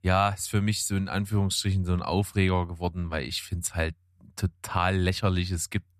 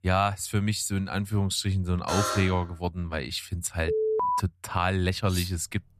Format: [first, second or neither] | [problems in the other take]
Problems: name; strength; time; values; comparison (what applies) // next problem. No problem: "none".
first | alarm; noticeable; at 2 s; peak level with the speech // alarm; loud; at 4 s; peak 3 dB above the speech // clattering dishes; noticeable; at 5.5 s; peak 8 dB below the speech